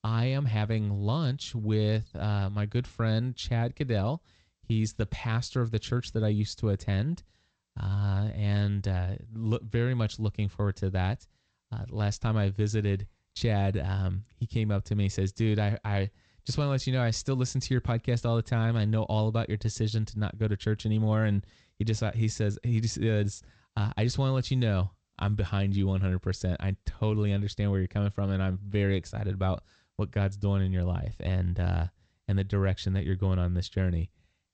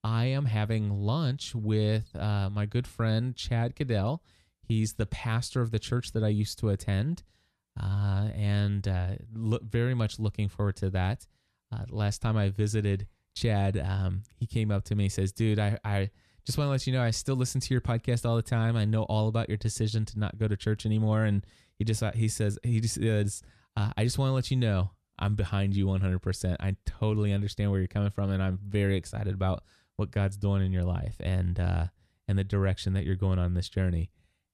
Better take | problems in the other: second | garbled, watery; slightly; nothing above 8 kHz

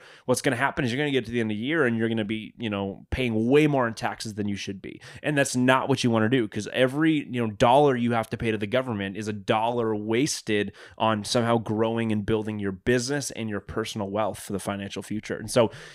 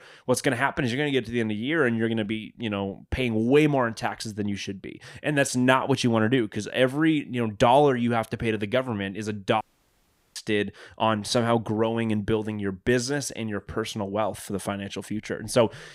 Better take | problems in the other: first | audio cutting out; at 9.5 s for 1 s

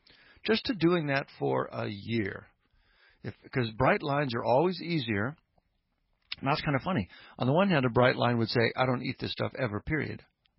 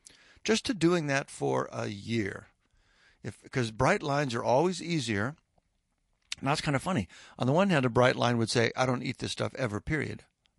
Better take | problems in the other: second | garbled, watery; badly; nothing above 5.5 kHz; slightly in the second

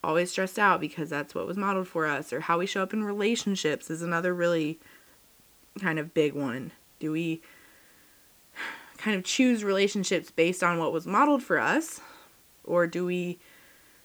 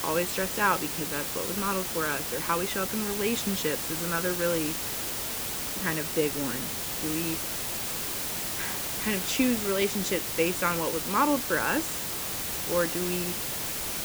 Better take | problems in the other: first | hiss; loud; throughout; as loud as the speech; faint in the first

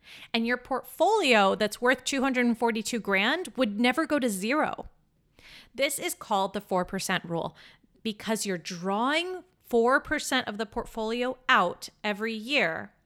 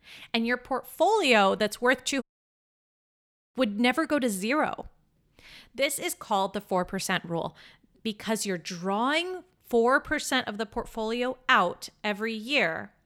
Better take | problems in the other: first | audio cutting out; at 2 s for 1.5 s

